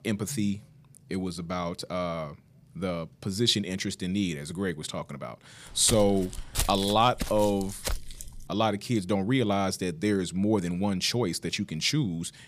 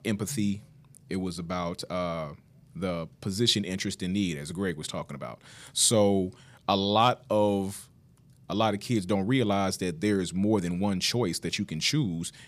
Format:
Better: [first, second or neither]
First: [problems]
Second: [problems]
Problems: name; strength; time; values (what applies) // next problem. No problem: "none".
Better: second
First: footsteps; noticeable; from 5.5 to 8.5 s; peak 3 dB below the speech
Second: none